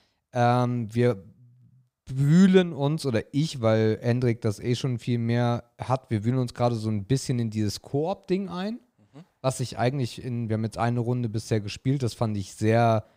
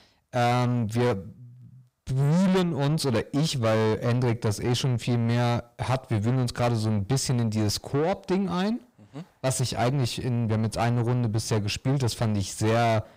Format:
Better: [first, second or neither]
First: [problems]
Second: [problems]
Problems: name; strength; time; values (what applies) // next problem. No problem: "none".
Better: first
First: none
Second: distortion; heavy; 6 dB below the speech